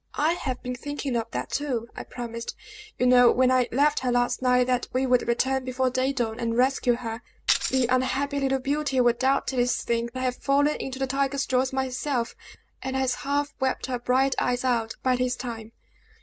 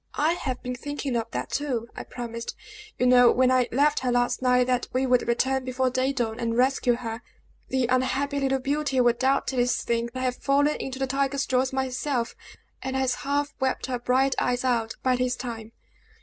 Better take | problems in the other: second | background sound (Tambourine); 3 dB below the speech

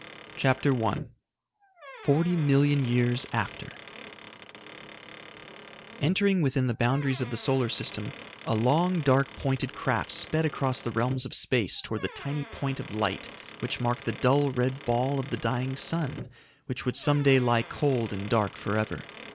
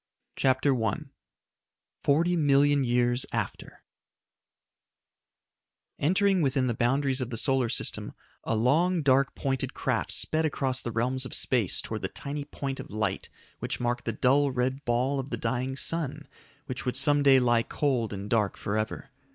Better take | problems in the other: second | background sound (Squeak / Wood); 17 dB below the speech

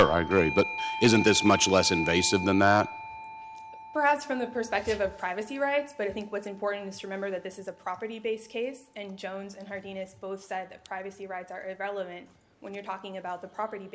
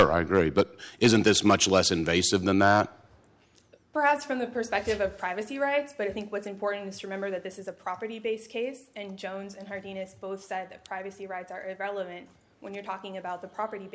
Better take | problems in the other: second | background sound (Doorbell); 11 dB below the speech

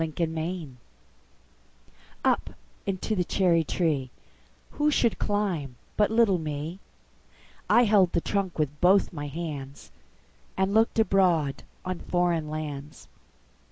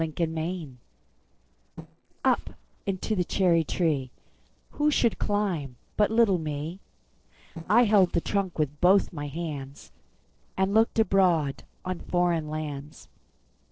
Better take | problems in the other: first | noise reduction (neural separator model SepFormer DNS4)

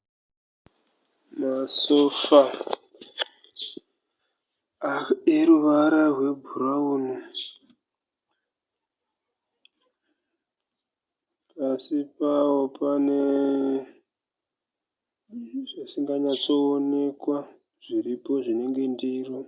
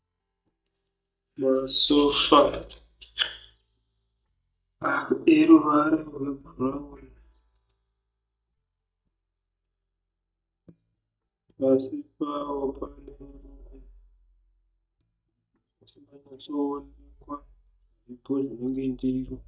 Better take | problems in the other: first | noise reduction (neural mask model DeepFilterNet 3)

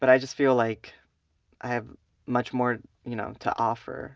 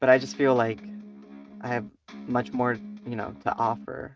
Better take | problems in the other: first | noise reduction (neural mask model RNNoise)

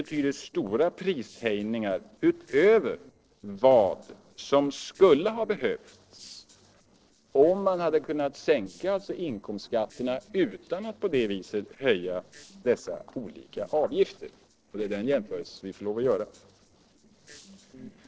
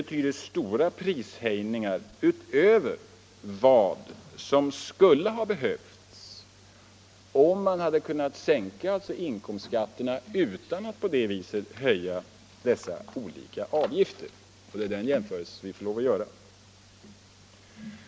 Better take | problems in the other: second | noise reduction (neural separator model SepFormer DNS4)

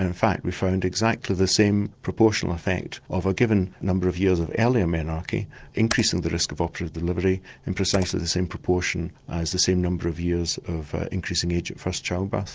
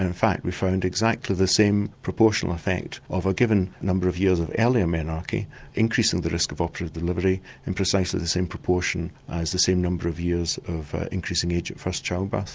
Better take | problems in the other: second | noise reduction (neural separator model SepFormer DNS4)

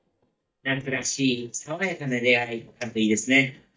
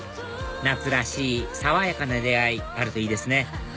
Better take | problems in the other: second | noise reduction (neural mask model DeepFilterNet 3)

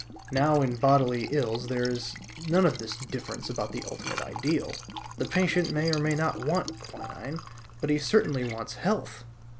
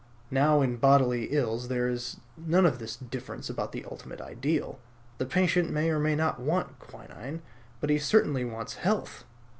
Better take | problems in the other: second | background sound (Liquid); 12 dB below the speech

